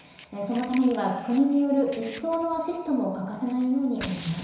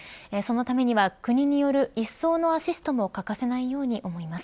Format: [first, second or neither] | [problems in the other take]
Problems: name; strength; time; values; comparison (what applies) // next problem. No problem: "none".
second | background sound (Fire); 19 dB below the speech // room echo; dies away in 1 s